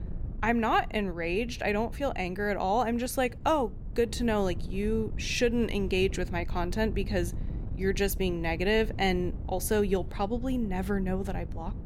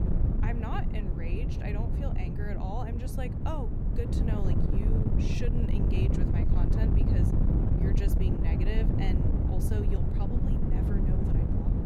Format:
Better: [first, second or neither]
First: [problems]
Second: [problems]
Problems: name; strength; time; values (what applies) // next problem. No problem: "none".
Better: first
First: wind noise on the microphone; occasional gusts; 20 dB below the speech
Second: wind noise on the microphone; heavy; 2 dB above the speech